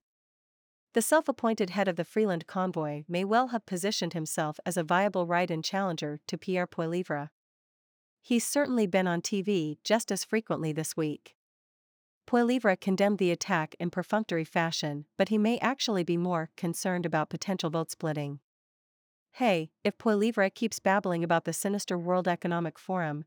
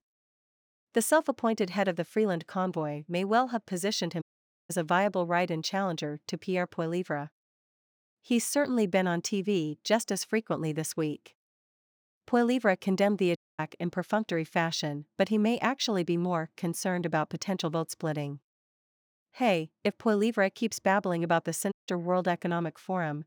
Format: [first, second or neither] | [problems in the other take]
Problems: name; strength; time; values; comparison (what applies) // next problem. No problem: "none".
first | audio cutting out; at 4 s, at 13 s and at 22 s